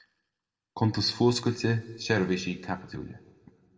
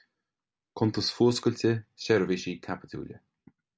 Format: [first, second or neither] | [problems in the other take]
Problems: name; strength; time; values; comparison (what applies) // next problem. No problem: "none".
second | room echo; dies away in 1.1 s